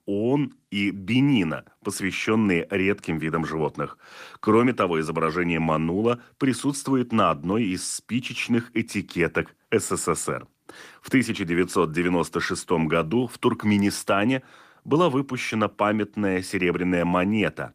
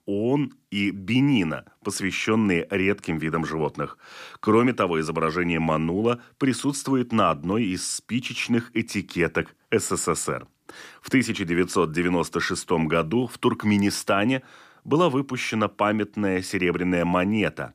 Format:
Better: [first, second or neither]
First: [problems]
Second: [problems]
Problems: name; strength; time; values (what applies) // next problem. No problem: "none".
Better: second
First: garbled, watery; slightly; nothing above 15 kHz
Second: none